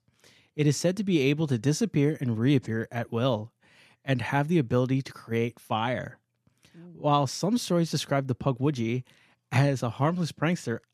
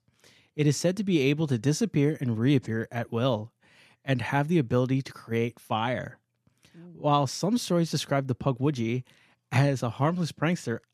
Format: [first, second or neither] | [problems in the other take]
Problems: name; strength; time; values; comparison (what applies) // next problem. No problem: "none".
neither | none